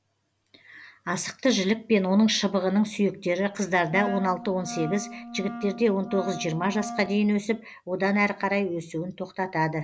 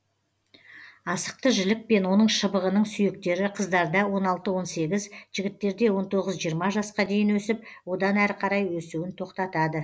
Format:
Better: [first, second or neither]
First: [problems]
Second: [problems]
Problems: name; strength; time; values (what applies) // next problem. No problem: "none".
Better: second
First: background sound (Wind instrument, woodwind instrument); 11 dB below the speech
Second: none